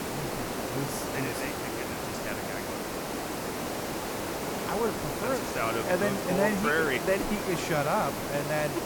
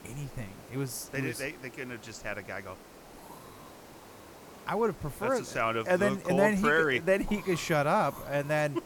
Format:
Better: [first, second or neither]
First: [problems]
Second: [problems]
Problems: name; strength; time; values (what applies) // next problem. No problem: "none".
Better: second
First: hiss; loud; throughout; 2 dB below the speech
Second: hiss; faint; throughout; 20 dB below the speech